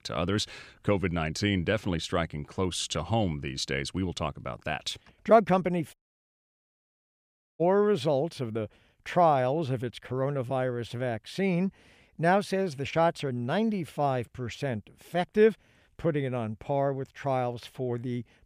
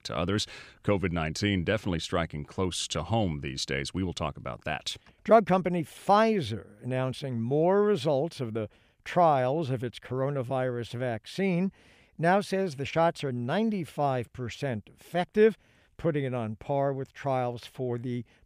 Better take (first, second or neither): second